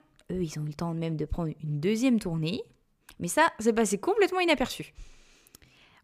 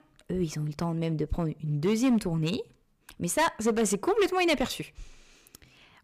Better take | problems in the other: first | distortion; slight; 4% of the sound clipped

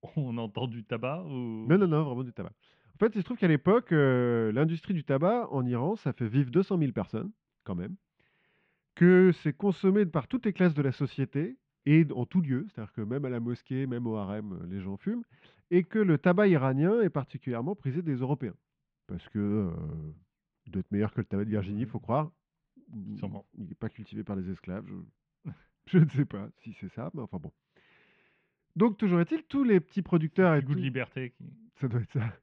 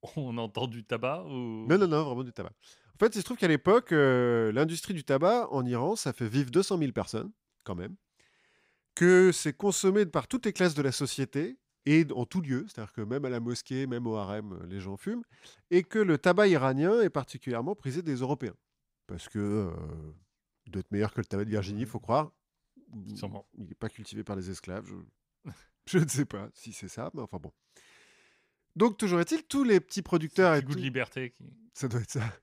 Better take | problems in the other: second | muffled; very; fading above 3 kHz

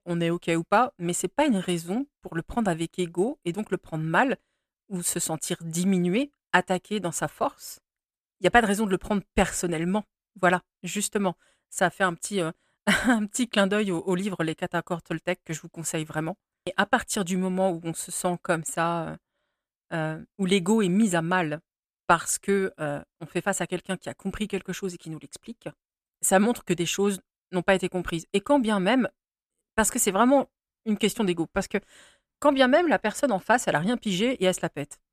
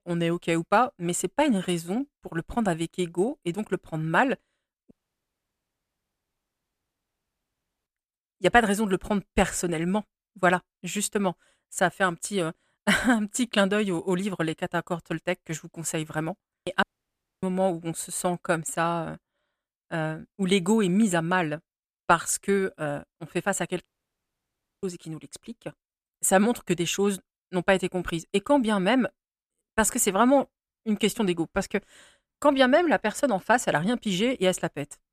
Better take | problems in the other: first | audio cutting out; at 5 s for 3 s, at 17 s for 0.5 s and at 24 s for 1 s

